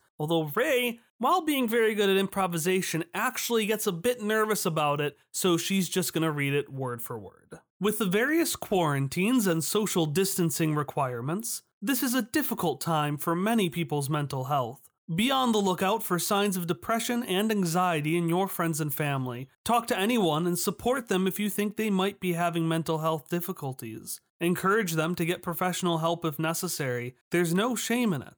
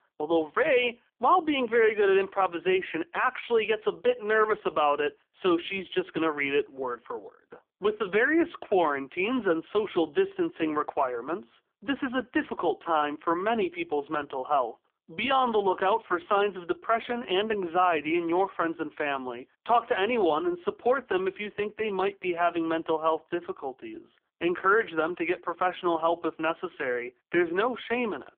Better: first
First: none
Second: phone-call audio; poor line; nothing above 3.5 kHz

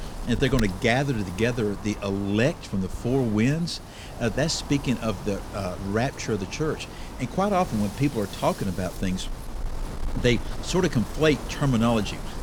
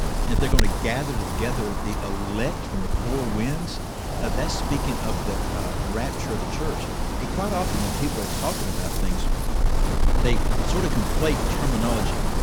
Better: first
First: wind noise on the microphone; occasional gusts; 15 dB below the speech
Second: wind noise on the microphone; heavy; 2 dB above the speech

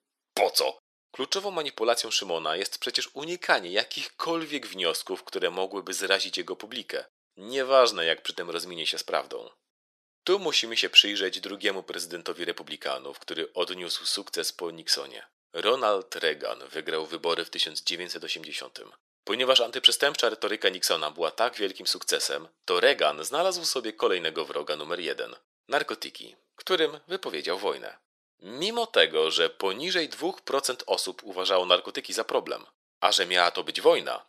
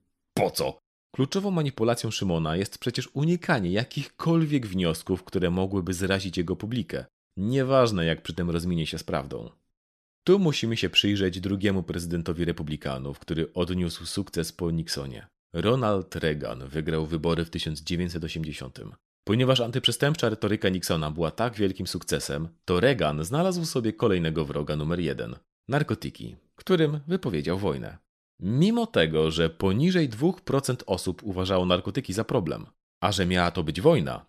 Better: second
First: thin; very; fading below 450 Hz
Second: none

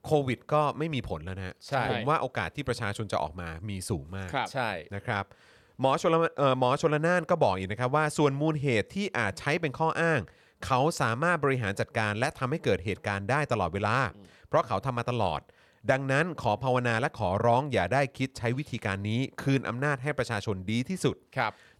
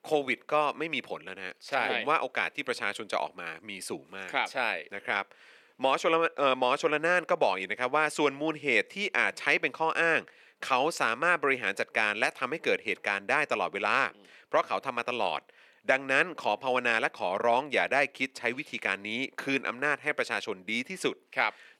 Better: first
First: none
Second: thin; somewhat; fading below 250 Hz

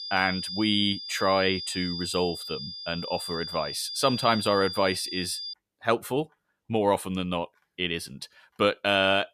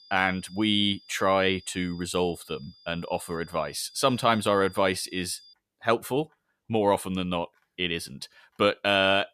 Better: second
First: high-pitched whine; loud; until 5.5 s; 5 kHz, 7 dB below the speech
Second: high-pitched whine; faint; until 5.5 s; 5 kHz, 25 dB below the speech

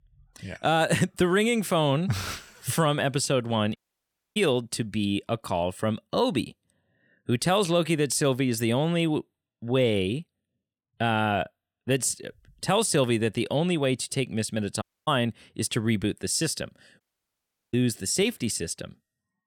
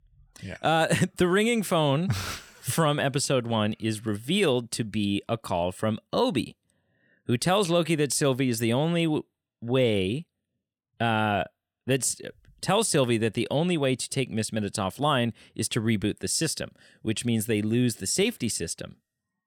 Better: second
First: audio cutting out; at 4 s for 0.5 s, at 15 s and at 17 s for 0.5 s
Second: none

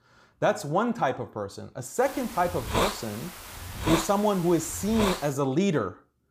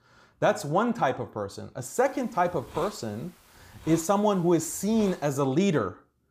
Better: second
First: hiss; loud; from 2 to 5.5 s; 5 dB below the speech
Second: hiss; faint; from 2 to 5.5 s; 20 dB below the speech

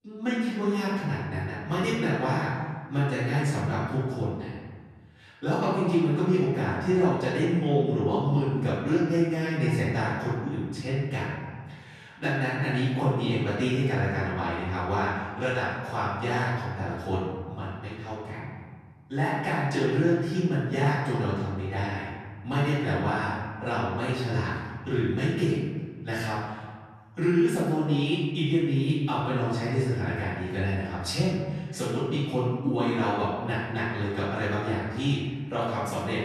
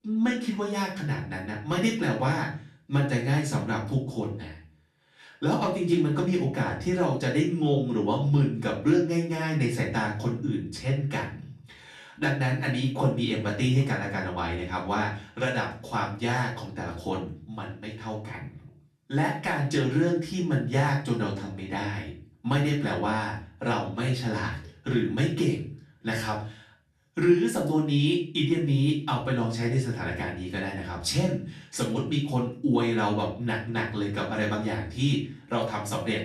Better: second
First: room echo; strong; dies away in 1.5 s // off-mic speech; far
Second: room echo; slight; dies away in 0.4 s // off-mic speech; far

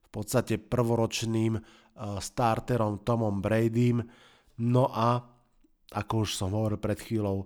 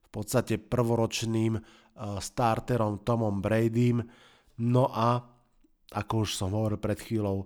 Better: neither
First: none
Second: none

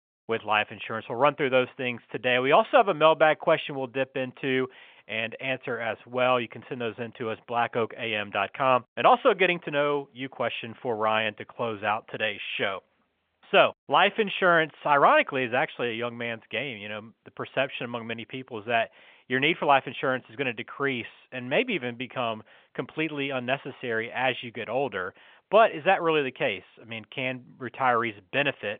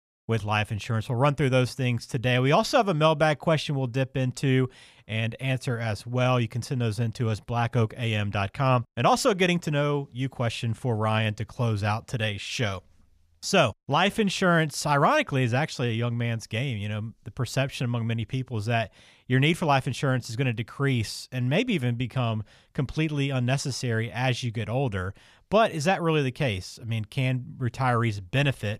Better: second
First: phone-call audio; nothing above 3.5 kHz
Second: none

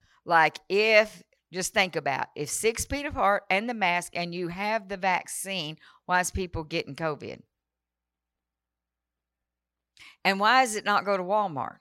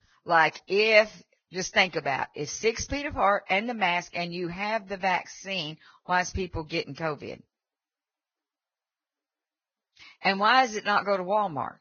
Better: first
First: none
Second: garbled, watery; badly; nothing above 6.5 kHz

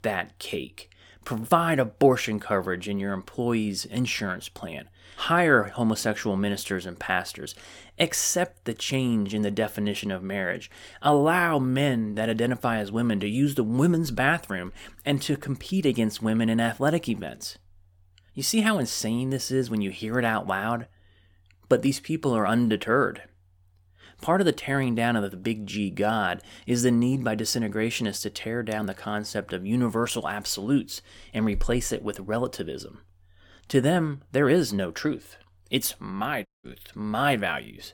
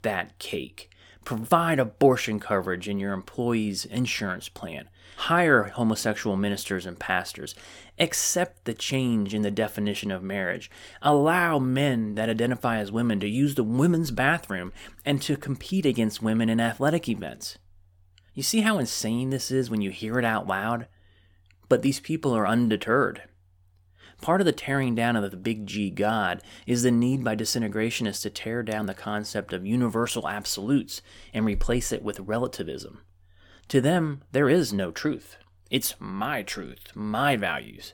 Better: second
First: audio cutting out; at 36 s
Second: none

